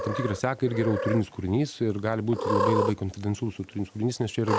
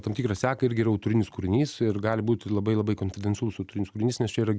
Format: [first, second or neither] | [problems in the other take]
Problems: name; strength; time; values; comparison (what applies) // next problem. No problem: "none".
second | background sound (Cat); 5 dB below the speech